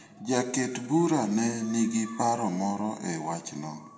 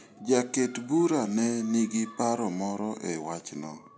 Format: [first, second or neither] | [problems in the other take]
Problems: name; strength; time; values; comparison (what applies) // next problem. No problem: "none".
second | room echo; dies away in 1.3 s